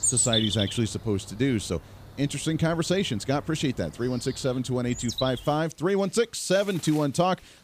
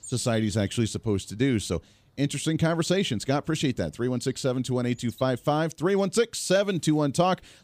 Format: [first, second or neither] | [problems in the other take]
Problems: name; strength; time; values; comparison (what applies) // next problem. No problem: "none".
second | animal sounds; loud; throughout; 3 dB below the speech; faint in the second